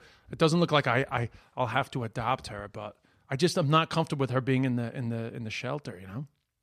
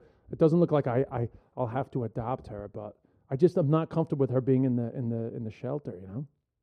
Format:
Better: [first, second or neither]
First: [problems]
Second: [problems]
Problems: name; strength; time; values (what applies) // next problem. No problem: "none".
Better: first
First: none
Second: muffled; very; fading above 1 kHz